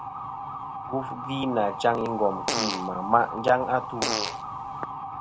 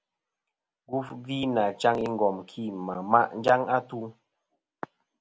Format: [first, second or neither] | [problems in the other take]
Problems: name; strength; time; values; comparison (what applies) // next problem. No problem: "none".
second | background sound (Fart + Motor vehicle (road) / Siren); 4 dB below the speech